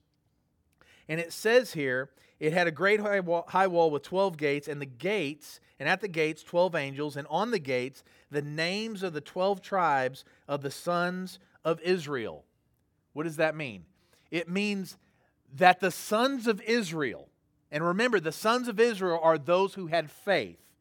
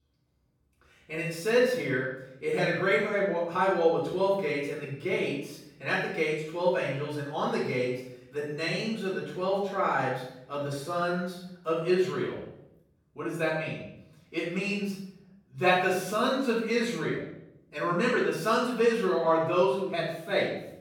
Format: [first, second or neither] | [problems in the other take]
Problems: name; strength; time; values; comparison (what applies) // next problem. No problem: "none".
first | off-mic speech; far // room echo; noticeable; dies away in 0.7 s